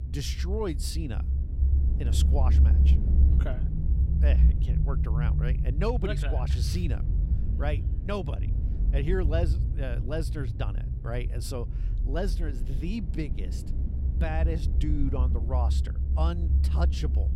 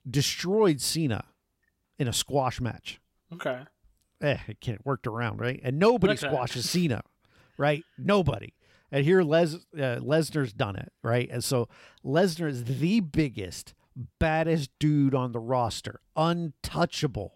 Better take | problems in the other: second | low rumble; loud; throughout; 7 dB below the speech

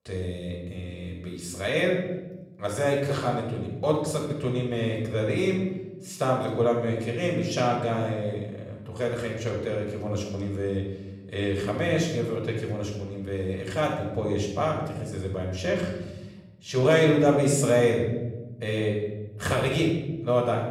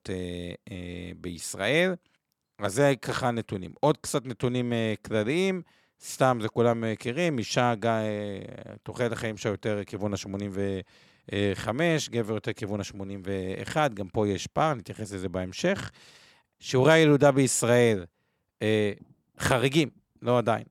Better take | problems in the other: second | off-mic speech; far // room echo; noticeable; dies away in 1.3 s

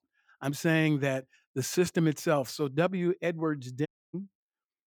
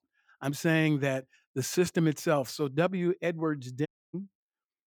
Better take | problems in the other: neither | audio cutting out; at 4 s; the same in both

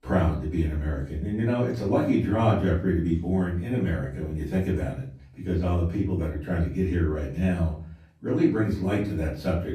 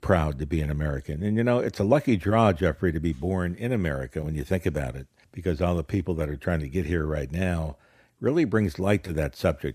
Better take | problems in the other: second | off-mic speech; far // room echo; noticeable; dies away in 0.5 s

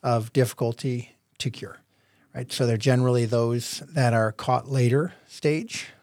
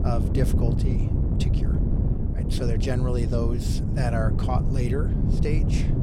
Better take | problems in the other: first | wind noise on the microphone; heavy; 3 dB below the speech

